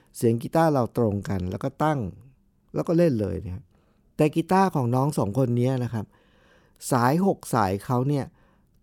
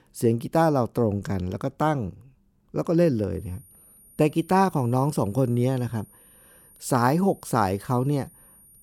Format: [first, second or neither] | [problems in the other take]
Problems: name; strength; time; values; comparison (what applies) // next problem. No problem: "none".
first | high-pitched whine; faint; from 3.5 s on; 9.5 kHz, 25 dB below the speech